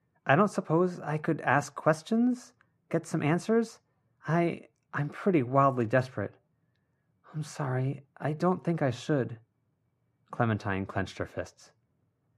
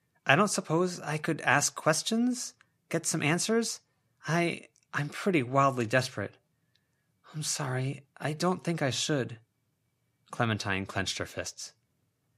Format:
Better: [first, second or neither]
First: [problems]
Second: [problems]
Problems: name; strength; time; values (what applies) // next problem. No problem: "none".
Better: second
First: muffled; very; fading above 2 kHz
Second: none